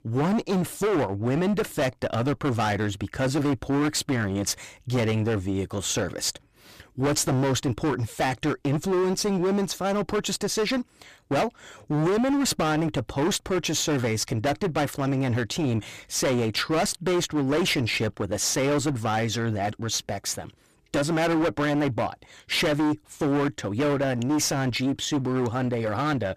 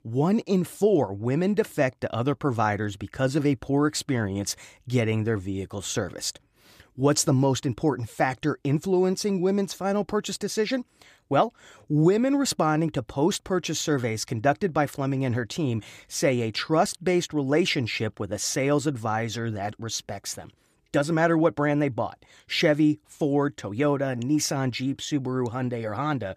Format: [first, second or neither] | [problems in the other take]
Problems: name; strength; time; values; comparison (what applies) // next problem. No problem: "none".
second | distortion; heavy; 21% of the sound clipped